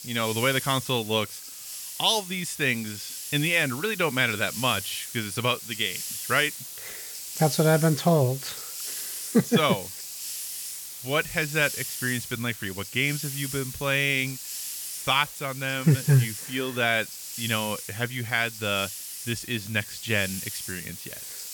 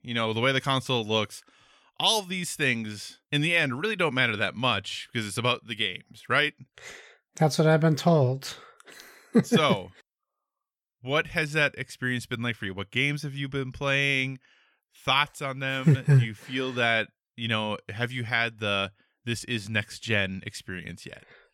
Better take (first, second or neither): second